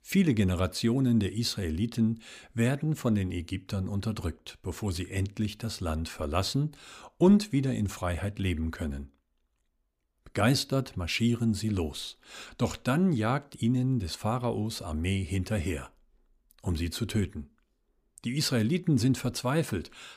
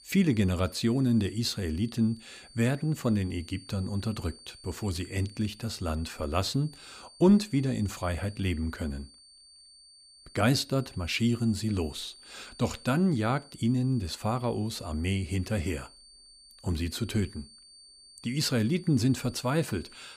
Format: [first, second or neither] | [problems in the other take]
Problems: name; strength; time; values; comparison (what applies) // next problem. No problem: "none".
first | high-pitched whine; faint; throughout; 4.5 kHz, 20 dB below the speech